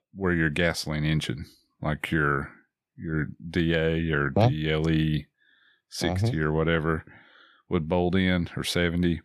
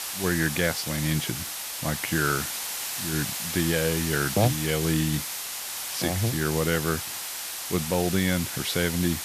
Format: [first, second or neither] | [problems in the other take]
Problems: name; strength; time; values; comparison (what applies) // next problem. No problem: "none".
first | hiss; loud; throughout; 3 dB below the speech